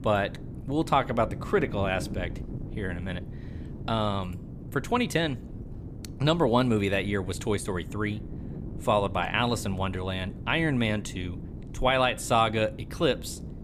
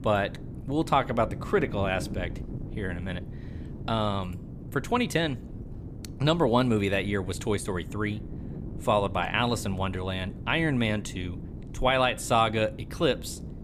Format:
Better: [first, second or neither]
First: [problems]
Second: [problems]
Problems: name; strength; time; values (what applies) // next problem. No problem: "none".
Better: neither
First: wind noise on the microphone; occasional gusts; 20 dB below the speech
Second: wind noise on the microphone; occasional gusts; 20 dB below the speech